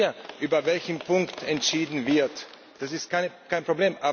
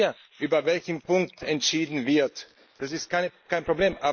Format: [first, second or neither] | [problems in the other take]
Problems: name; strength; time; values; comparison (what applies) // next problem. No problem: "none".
first | noise reduction (neural mask model Resemble Enhance denoiser)